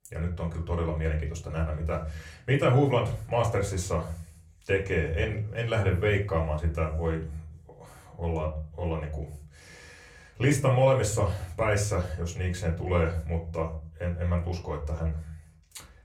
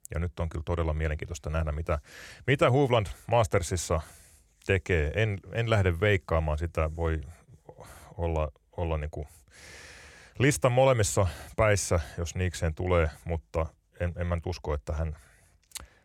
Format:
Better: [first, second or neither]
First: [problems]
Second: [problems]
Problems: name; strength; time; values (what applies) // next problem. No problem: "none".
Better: second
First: off-mic speech; far // room echo; very slight; dies away in 0.4 s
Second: none